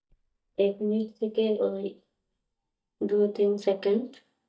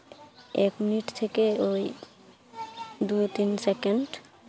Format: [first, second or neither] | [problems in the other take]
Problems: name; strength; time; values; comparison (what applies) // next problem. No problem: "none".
second | noise reduction (neural mask model DeepFilterNet 3)